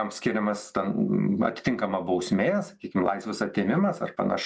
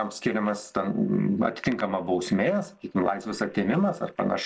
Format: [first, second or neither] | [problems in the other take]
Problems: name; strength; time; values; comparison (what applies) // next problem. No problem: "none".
first | noise reduction (neural separator model SepFormer DNS4)